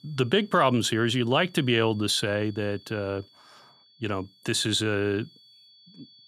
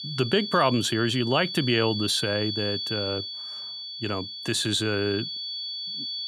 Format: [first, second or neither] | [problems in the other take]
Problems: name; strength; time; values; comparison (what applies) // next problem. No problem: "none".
first | high-pitched whine; loud; throughout; 4.5 kHz, 6 dB below the speech; faint in the first